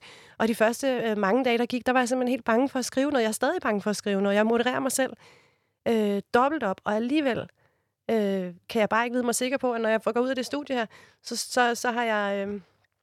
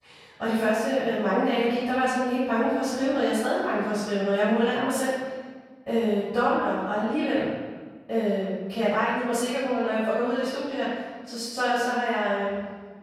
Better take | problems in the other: first | off-mic speech; far // room echo; strong; dies away in 1.3 s

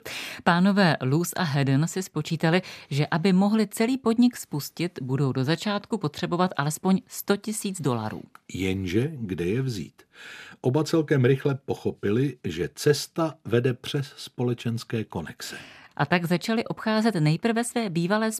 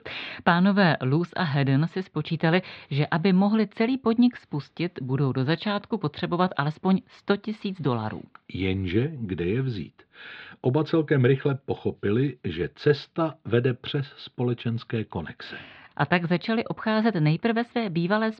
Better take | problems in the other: first | muffled; very slightly; fading above 4 kHz

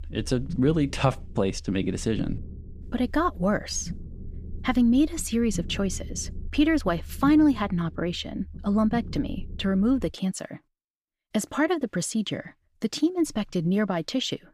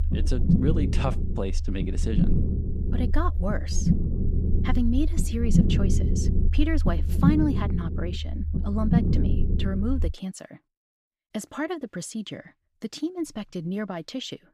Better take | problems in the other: first | low rumble; loud; until 10 s; 2 dB below the speech; faint in the first

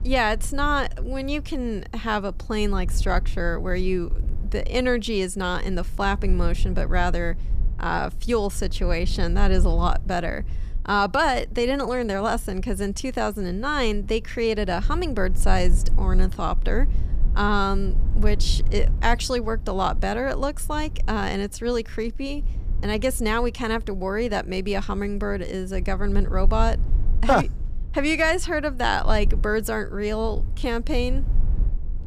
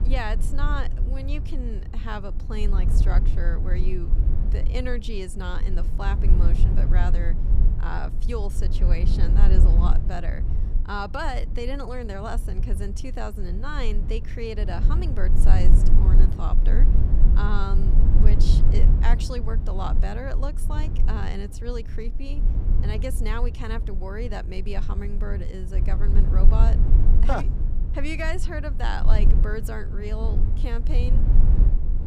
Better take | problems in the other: first | low rumble; loud; throughout; 7 dB below the speech; faint in the first

